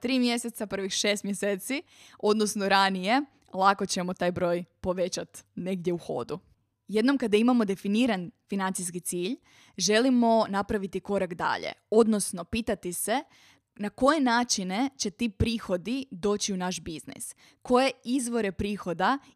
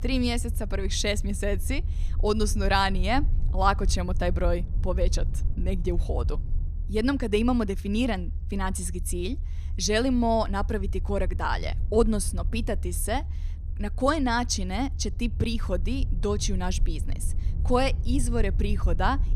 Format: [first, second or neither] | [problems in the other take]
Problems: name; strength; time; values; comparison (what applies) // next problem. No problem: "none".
first | low rumble; faint; throughout; 20 dB below the speech